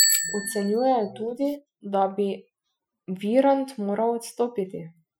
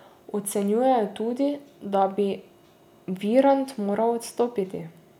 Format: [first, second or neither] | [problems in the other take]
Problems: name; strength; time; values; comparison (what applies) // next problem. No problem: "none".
second | noise reduction (classical method Wiener filter)